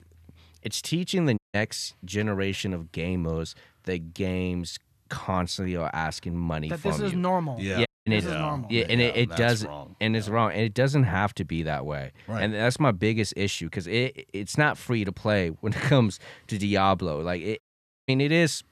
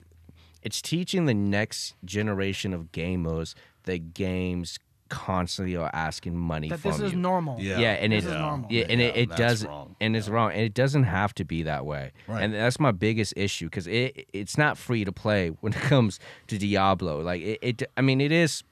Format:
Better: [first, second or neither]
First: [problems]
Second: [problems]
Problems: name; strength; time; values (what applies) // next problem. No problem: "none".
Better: second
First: audio cutting out; at 1.5 s, at 8 s and at 18 s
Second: none